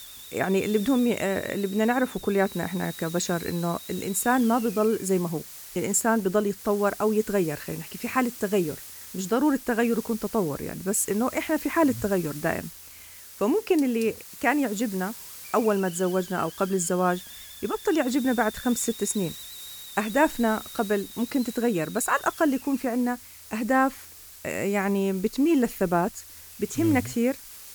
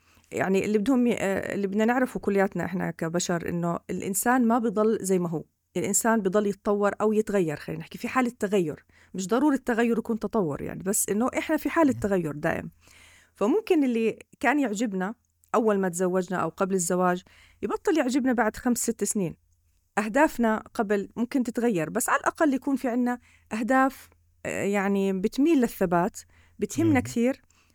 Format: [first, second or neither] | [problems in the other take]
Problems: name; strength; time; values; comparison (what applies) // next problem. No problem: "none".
second | hiss; noticeable; throughout; 15 dB below the speech